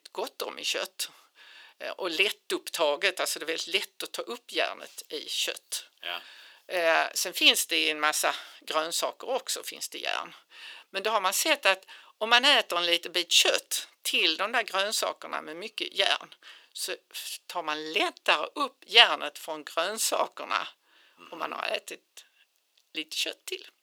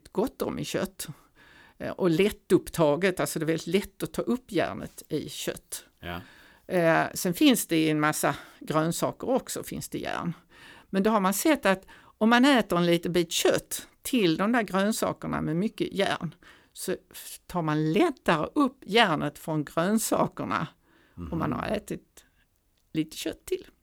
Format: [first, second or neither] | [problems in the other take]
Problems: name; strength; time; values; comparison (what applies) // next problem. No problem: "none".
second | thin; very; fading below 500 Hz